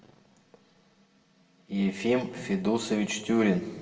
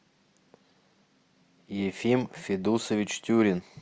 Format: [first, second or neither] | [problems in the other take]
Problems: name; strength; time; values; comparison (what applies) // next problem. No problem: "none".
second | room echo; dies away in 1.2 s